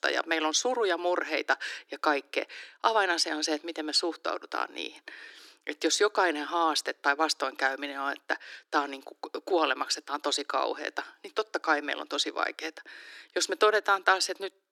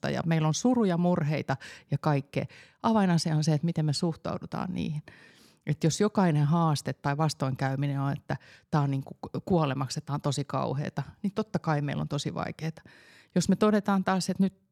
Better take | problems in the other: second | thin; very; fading below 300 Hz

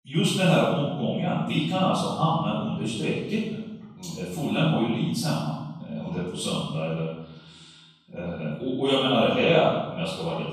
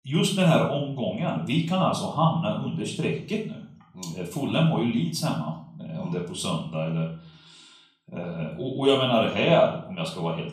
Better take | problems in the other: second | room echo; strong; dies away in 1 s; slight in the second // off-mic speech; far; far in the second

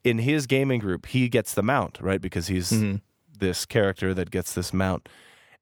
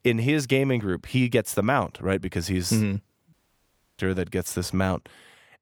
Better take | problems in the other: first | audio cutting out; at 3.5 s for 0.5 s

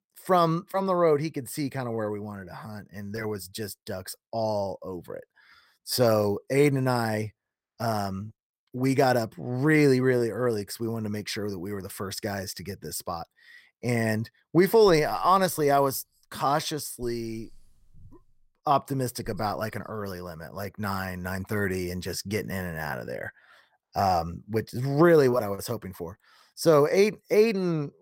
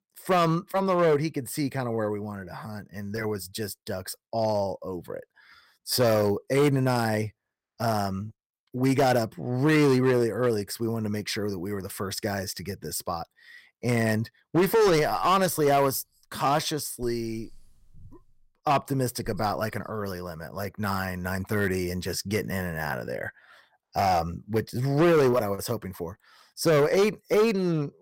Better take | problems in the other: first | distortion; slight; 5% of the sound clipped

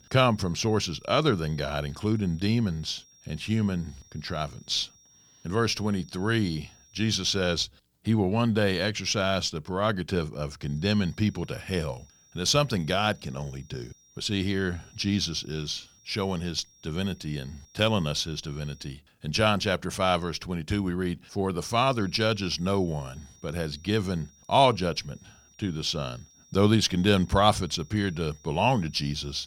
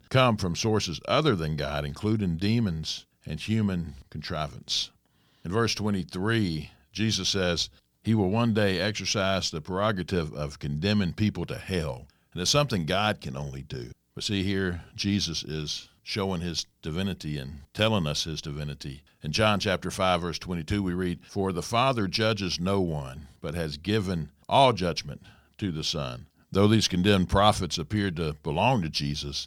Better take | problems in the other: second | high-pitched whine; faint; until 7.5 s, from 11 to 19 s and from 22 s on; 5.5 kHz, 30 dB below the speech

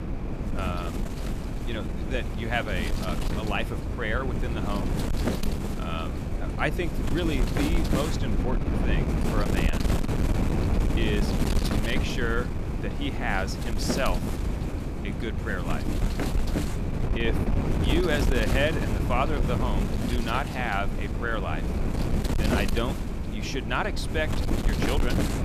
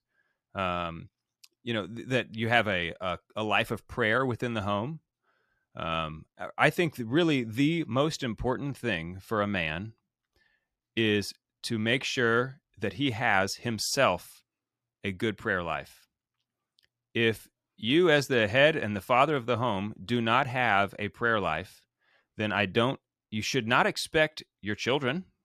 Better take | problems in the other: second | wind noise on the microphone; heavy; 4 dB below the speech

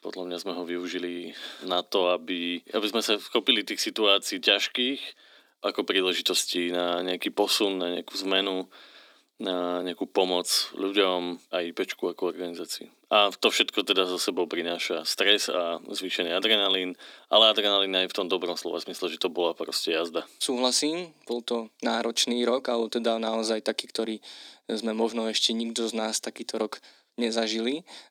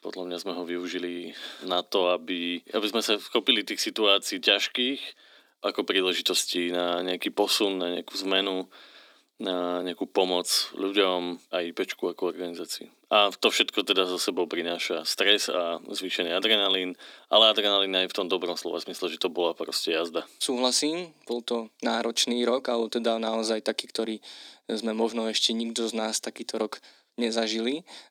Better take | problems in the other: neither | thin; somewhat; fading below 250 Hz; the same in both

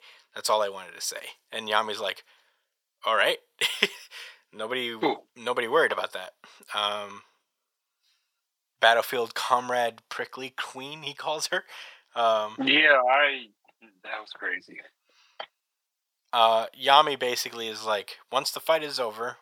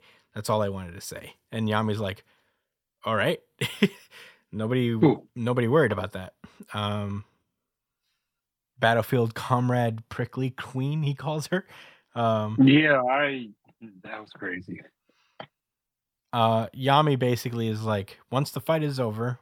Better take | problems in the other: second | thin; very; fading below 650 Hz

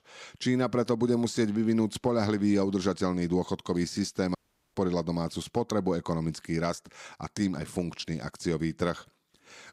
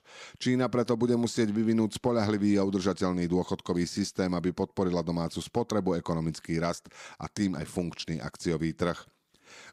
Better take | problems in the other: second | audio cutting out; at 4.5 s

